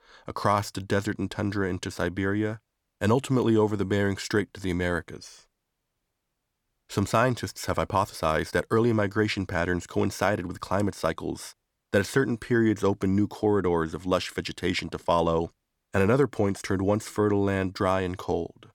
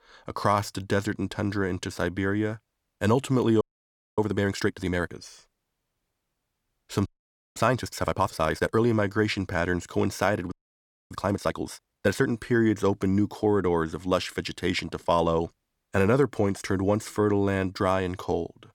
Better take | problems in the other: first | audio freezing; at 3.5 s for 0.5 s, at 7 s for 0.5 s and at 11 s for 0.5 s

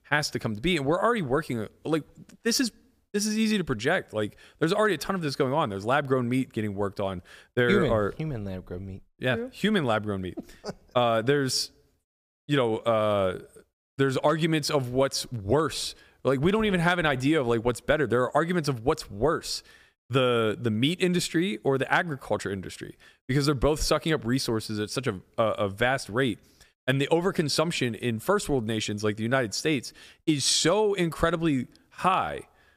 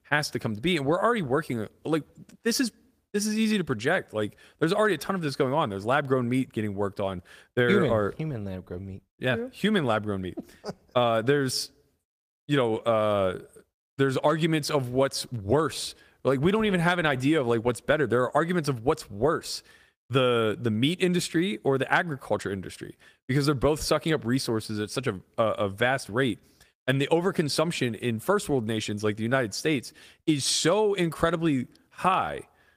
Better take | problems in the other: first | garbled, watery; slightly; nothing above 15 kHz

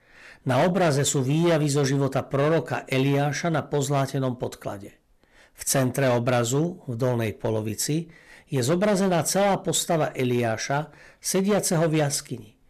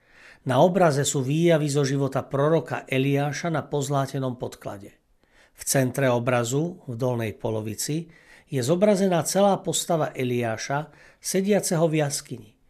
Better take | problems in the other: second | distortion; slight; 10% of the sound clipped

